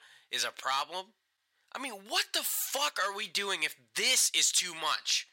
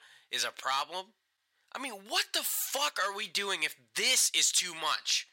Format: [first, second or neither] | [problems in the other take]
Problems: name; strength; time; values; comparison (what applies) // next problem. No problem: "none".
neither | thin; somewhat; fading below 900 Hz; the same in both